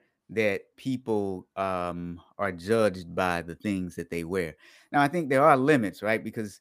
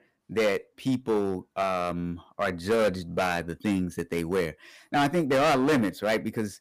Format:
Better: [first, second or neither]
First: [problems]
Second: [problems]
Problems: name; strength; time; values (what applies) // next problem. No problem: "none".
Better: first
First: none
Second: distortion; heavy; 9% of the sound clipped